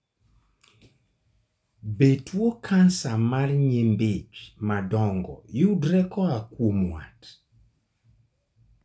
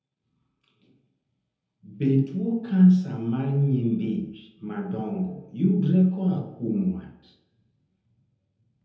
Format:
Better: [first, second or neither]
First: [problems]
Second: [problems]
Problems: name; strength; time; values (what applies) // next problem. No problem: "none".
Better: first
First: none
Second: room echo; dies away in 0.8 s